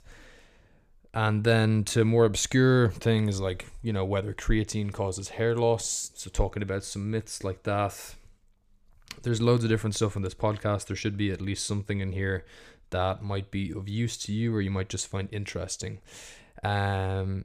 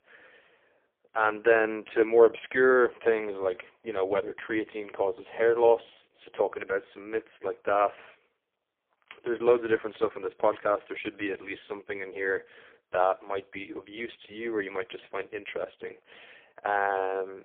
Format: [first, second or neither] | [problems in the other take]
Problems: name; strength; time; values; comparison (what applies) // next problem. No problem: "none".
first | phone-call audio; poor line